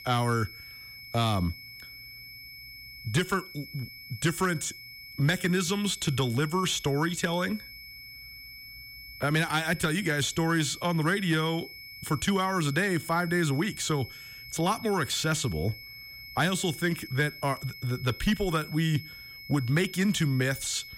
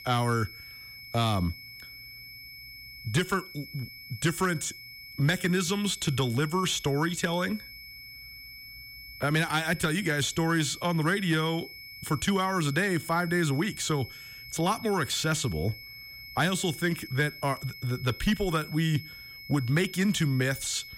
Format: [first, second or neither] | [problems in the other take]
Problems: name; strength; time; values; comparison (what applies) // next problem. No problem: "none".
neither | high-pitched whine; noticeable; throughout; 2 kHz, 15 dB below the speech; the same in both